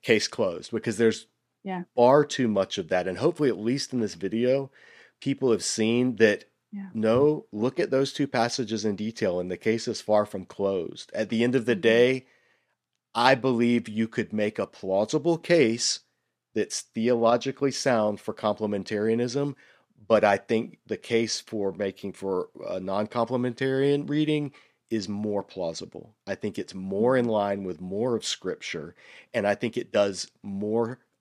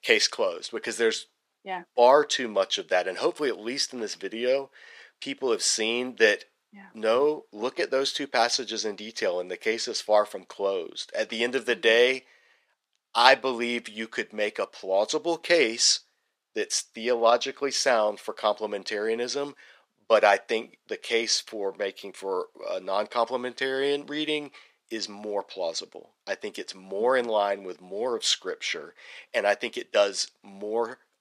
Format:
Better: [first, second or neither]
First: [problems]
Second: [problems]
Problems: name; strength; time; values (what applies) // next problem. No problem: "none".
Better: first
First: none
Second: thin; somewhat; fading below 550 Hz